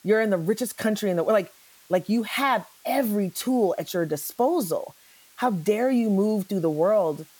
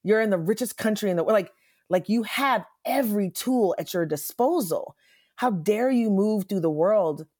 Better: second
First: hiss; faint; throughout; 25 dB below the speech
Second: none

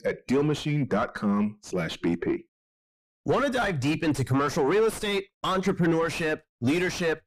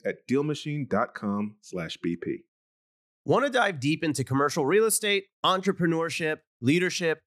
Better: second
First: distortion; heavy; 6 dB below the speech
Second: none

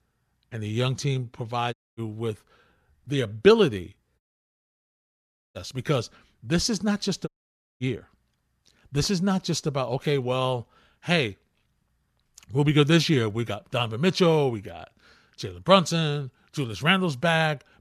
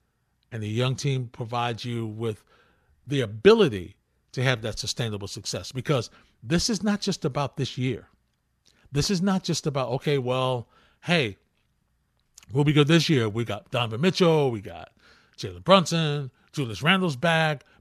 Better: second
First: audio cutting out; at 1.5 s, at 4 s for 1.5 s and at 7.5 s for 0.5 s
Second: none

